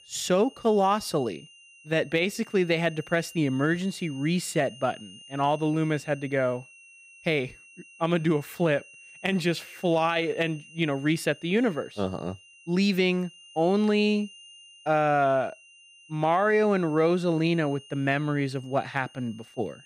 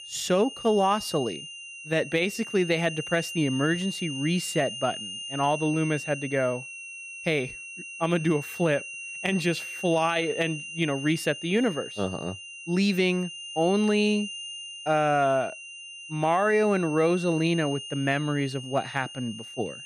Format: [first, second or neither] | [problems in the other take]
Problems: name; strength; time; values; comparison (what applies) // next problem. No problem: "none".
first | high-pitched whine; loud; throughout; 3 kHz, 10 dB below the speech; faint in the first